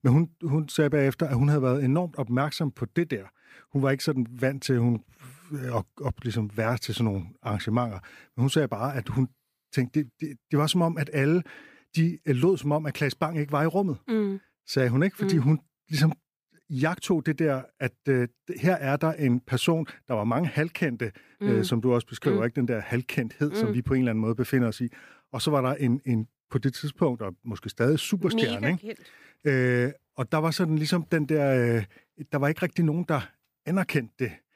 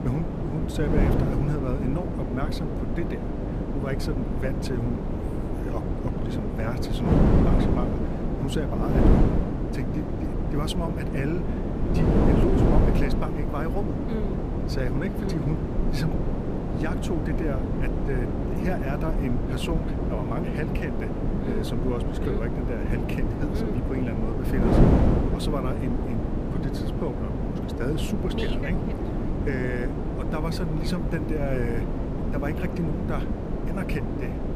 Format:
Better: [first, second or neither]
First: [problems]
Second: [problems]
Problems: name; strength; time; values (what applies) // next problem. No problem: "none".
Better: first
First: none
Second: wind noise on the microphone; heavy; 3 dB above the speech